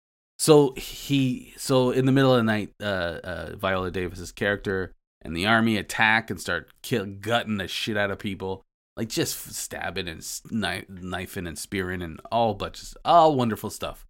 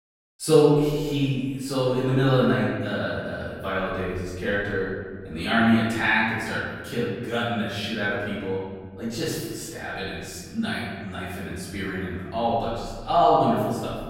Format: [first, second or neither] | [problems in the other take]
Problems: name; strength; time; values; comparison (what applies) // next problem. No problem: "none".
first | off-mic speech; far // room echo; strong; dies away in 1.6 s